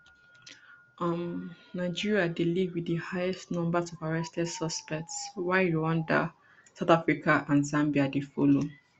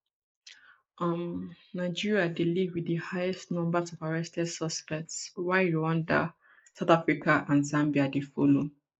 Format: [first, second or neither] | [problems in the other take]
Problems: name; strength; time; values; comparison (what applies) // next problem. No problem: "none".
first | noise reduction (neural mask model Resemble Enhance denoiser)